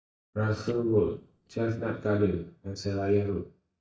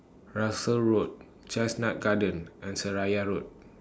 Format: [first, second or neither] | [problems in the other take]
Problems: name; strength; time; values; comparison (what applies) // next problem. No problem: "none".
second | noise reduction (neural mask model DeepFilterNet 3)